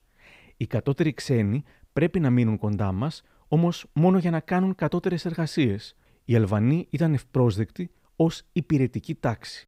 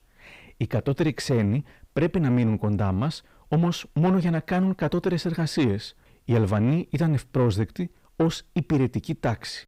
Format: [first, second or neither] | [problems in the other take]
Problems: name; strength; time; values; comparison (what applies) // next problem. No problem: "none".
first | distortion; slight; 9 dB below the speech